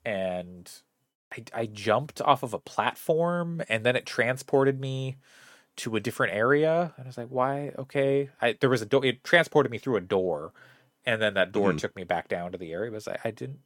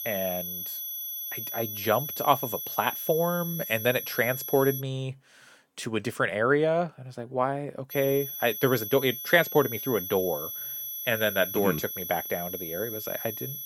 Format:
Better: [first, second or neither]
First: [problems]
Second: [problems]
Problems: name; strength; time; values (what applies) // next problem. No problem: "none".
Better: first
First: none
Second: high-pitched whine; loud; until 5 s and from 8 s on; 11.5 kHz, 6 dB below the speech